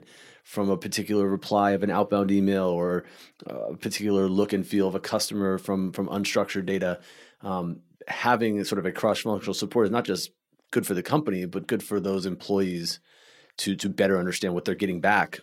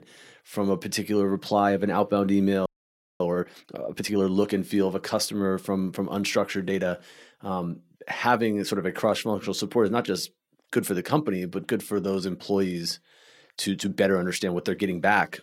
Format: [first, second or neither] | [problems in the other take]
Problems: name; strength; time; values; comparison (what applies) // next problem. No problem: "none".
first | audio freezing; at 2.5 s for 0.5 s